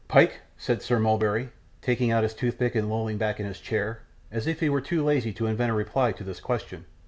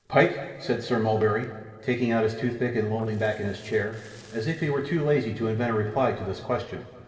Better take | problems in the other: first | noise reduction (neural separator model SepFormer DNS4)

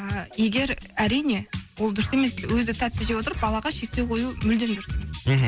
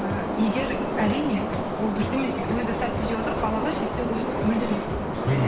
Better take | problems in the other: first | background sound (Subway, metro, underground); 1 dB below the speech // room echo; dies away in 1.2 s

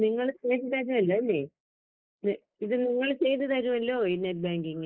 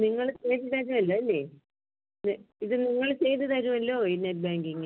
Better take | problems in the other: second | noise reduction (neural mask model Resemble Enhance denoiser)

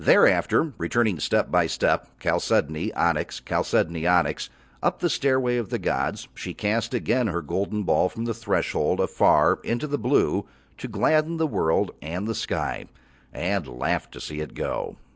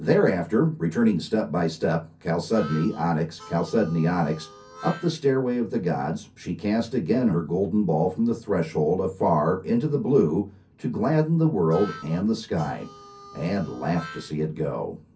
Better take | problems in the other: first | background sound (Harmonica); 18 dB below the speech // room echo; dies away in 0.3 s

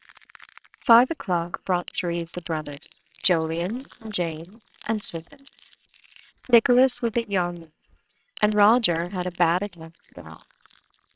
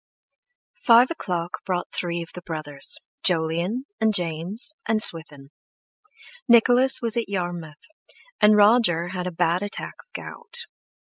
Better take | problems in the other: second | noise reduction (neural separator model SepFormer WHAMR!)

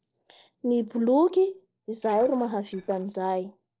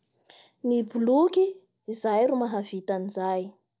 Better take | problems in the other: second | noise reduction (neural separator model SepFormer DNS4)

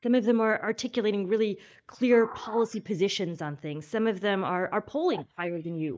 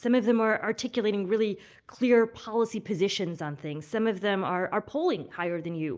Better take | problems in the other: second | noise reduction (neural mask model DeepFilterNet 3)

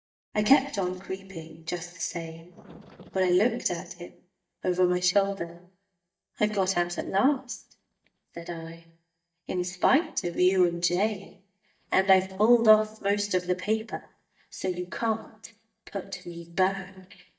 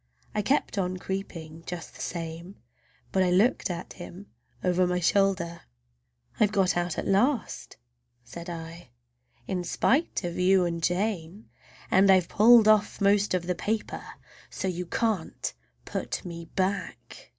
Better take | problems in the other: second | noise reduction (neural mask model DeepFilterNet 3)

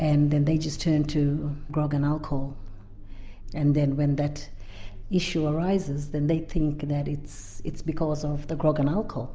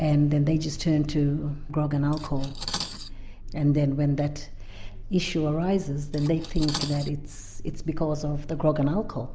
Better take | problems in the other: first | background sound (Cutlery, silverware); 15 dB below the speech

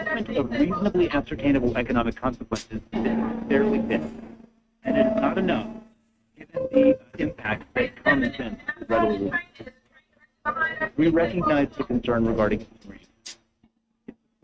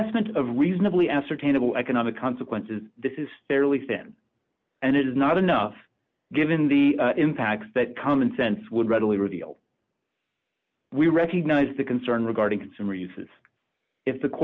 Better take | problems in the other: second | noise reduction (neural mask model RNNoise)

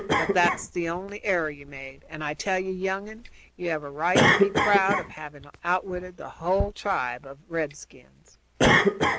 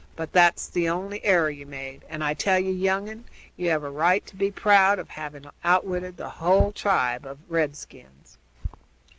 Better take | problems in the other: second | background sound (Cough); 1 dB above the speech

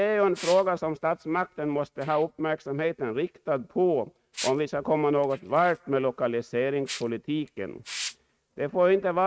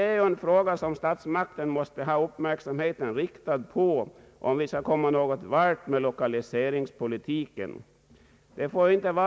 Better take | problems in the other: second | noise reduction (neural mask model RNNoise)

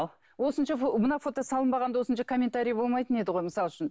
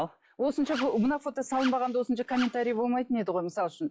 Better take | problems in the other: first | noise reduction (classical method log-MMSE)

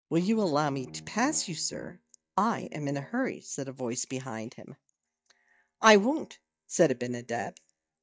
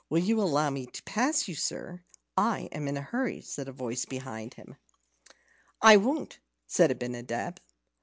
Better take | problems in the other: second | noise reduction (neural mask model DeepFilterNet 3)

